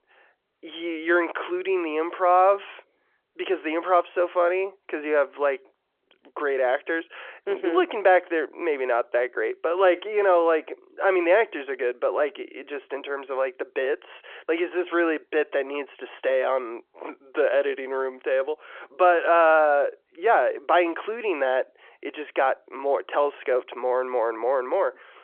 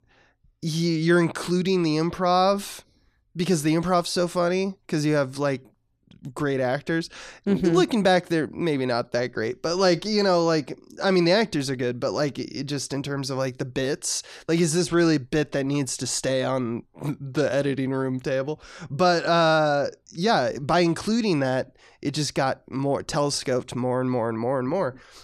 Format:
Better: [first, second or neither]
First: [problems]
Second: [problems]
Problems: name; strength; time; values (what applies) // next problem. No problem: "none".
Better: second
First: phone-call audio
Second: none